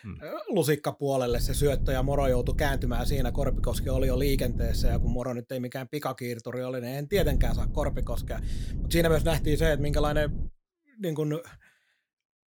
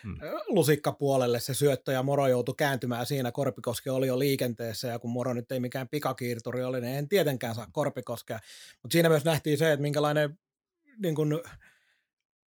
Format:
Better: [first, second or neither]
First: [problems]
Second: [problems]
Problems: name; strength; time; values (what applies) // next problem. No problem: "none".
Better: second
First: low rumble; noticeable; from 1.5 to 5 s and from 7 to 10 s; 15 dB below the speech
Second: none